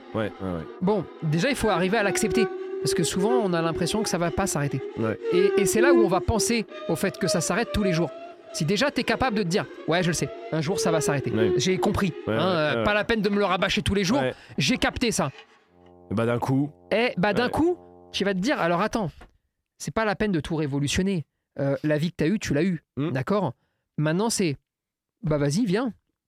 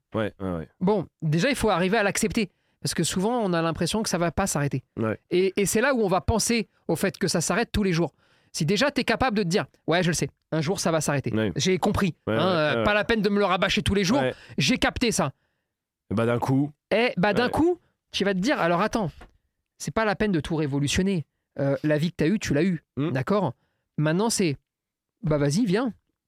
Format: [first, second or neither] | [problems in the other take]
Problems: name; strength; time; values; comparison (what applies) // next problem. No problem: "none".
second | background music; loud; until 18 s; 5 dB below the speech